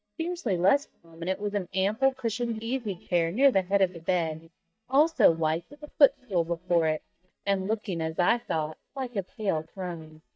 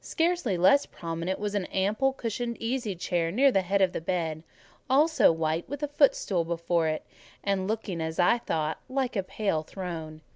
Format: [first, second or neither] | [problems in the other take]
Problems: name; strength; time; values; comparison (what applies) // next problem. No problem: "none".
second | noise reduction (neural mask model DeepFilterNet 3)